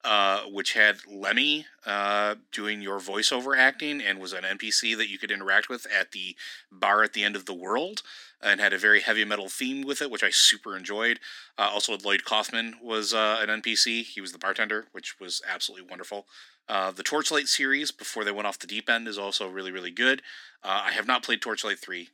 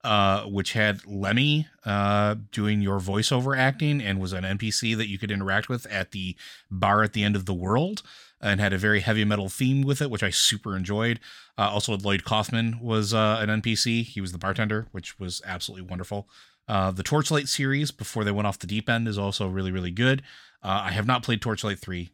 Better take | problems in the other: second | thin; very; fading below 250 Hz

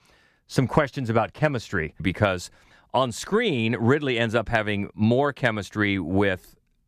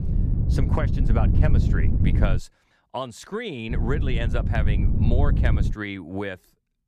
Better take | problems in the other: first | wind noise on the microphone; heavy; until 2.5 s and from 3.5 to 5.5 s; 4 dB below the speech

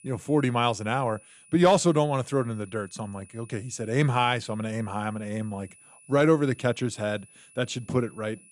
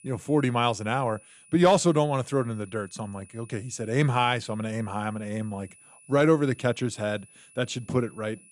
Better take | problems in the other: neither | high-pitched whine; faint; throughout; 9.5 kHz, 25 dB below the speech; the same in both

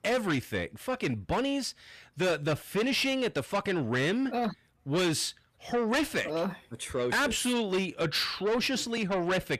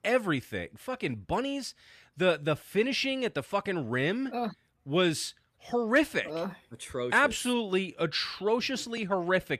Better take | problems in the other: second | distortion; heavy; 7 dB below the speech

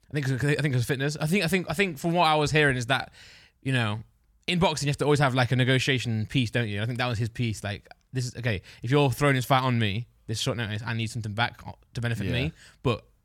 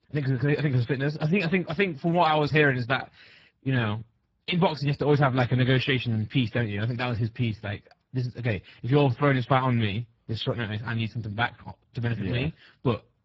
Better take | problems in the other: first | garbled, watery; badly

